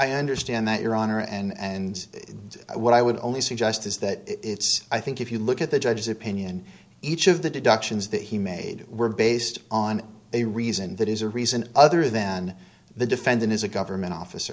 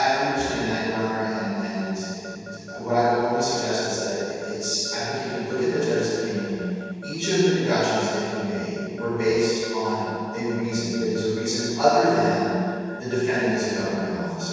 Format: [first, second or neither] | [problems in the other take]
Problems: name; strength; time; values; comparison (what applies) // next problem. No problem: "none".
first | background sound (Alarm / Keyboard (musical)); 16 dB below the speech // room echo; dies away in 2.1 s